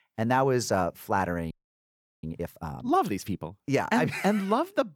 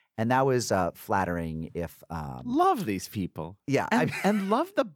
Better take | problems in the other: second | audio freezing; at 1.5 s for 0.5 s

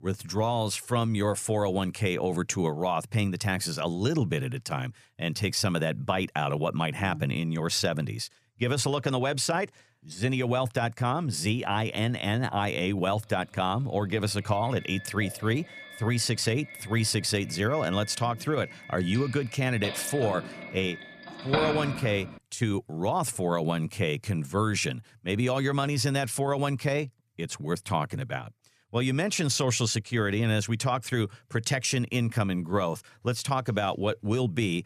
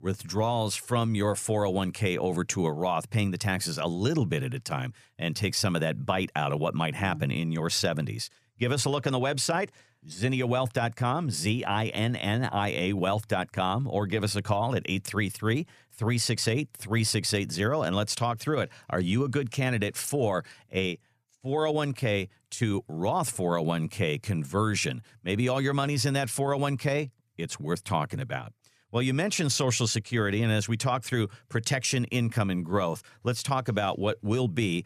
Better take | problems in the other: second | doorbell; noticeable; from 15 to 22 s; peak 1 dB below the speech

